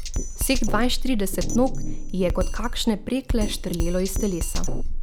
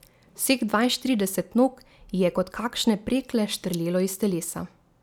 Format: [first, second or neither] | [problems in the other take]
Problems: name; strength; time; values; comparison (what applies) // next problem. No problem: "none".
second | background sound (Drum kit); 2 dB above the speech